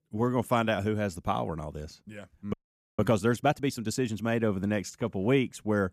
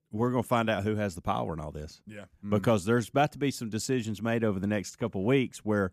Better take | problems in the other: second | audio freezing; at 2.5 s

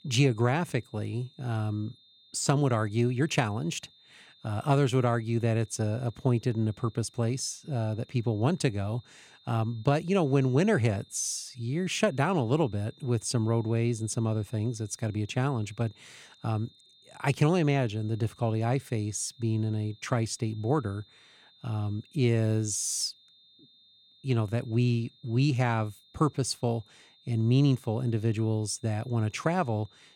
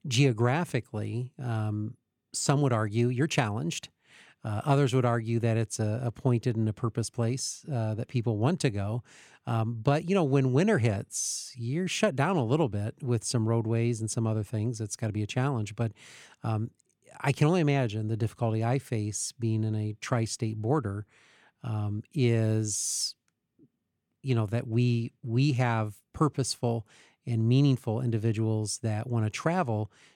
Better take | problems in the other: second | high-pitched whine; faint; throughout; 3.5 kHz, 30 dB below the speech

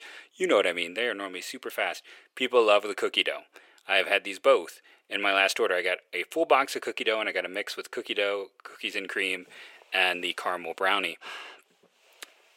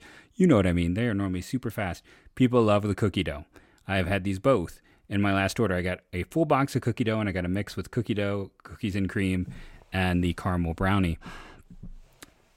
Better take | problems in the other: second | thin; very; fading below 450 Hz

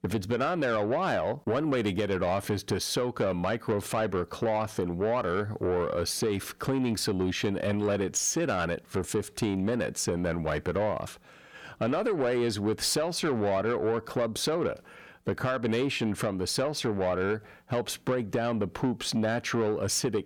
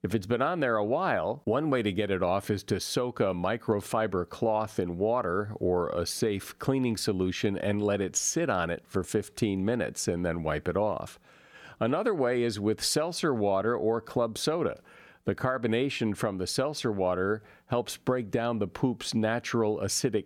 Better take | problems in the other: second | distortion; slight; 10 dB below the speech

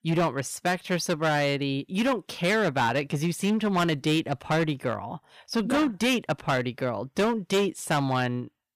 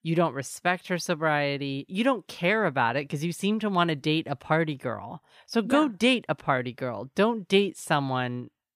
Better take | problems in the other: second | distortion; heavy; 11% of the sound clipped

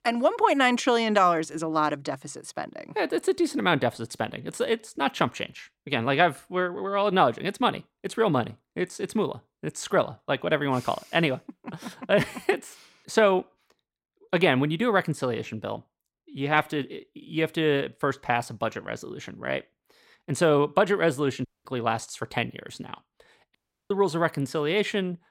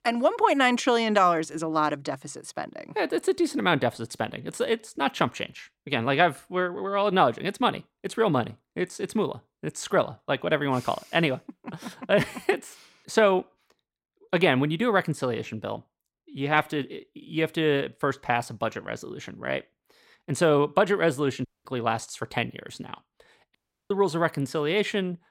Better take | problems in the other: neither | audio cutting out; at 21 s and at 24 s; the same in both

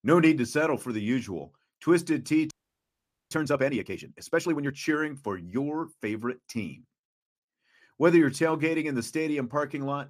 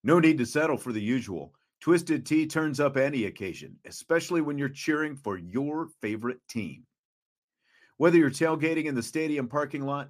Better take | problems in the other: second | audio freezing; at 2.5 s for 1 s

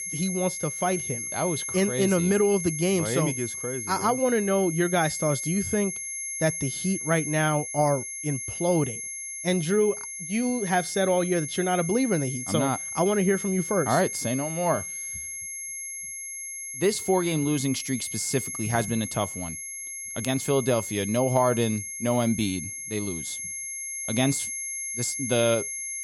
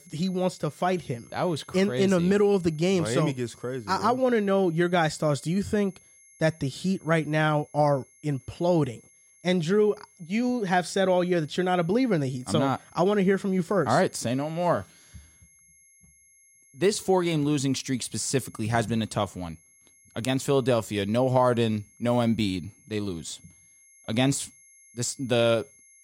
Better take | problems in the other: second | high-pitched whine; loud; throughout; 11 kHz, 5 dB below the speech; faint in the second

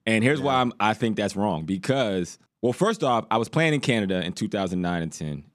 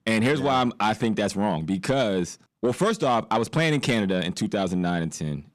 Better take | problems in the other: first | distortion; slight; 10 dB below the speech

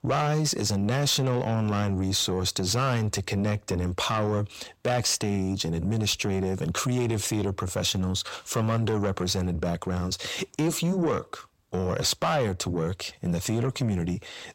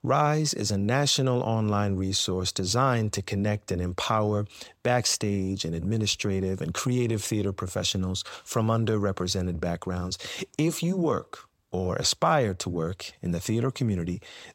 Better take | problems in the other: second | distortion; slight; 10 dB below the speech

